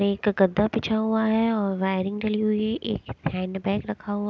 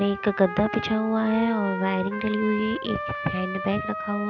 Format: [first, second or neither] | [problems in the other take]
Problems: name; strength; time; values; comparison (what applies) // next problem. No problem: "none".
first | background sound (Trumpet); 8 dB below the speech